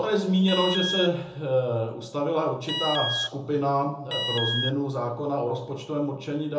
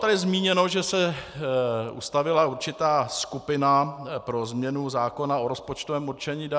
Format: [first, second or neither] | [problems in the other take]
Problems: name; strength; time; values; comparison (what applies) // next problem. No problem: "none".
second | background sound (Alarm); 4 dB below the speech // room echo; dies away in 0.9 s